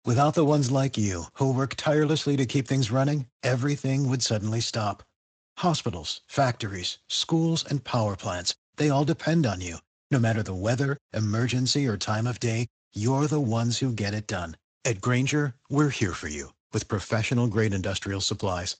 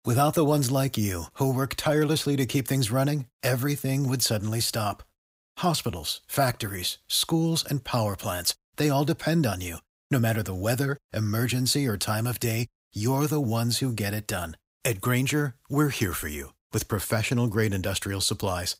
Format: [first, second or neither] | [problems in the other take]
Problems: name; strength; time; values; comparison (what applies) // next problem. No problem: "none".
second | garbled, watery; slightly; nothing above 7.5 kHz